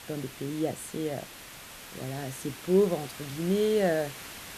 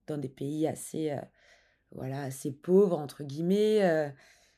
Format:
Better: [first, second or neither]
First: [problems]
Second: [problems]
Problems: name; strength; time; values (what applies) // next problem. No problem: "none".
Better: second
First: hiss; noticeable; throughout; 15 dB below the speech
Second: none